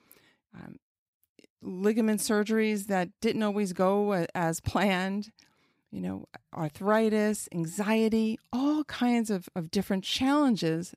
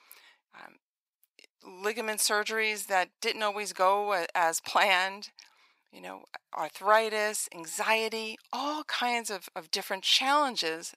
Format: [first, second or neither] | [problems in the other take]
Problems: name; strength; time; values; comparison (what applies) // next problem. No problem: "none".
first | thin; very; fading below 850 Hz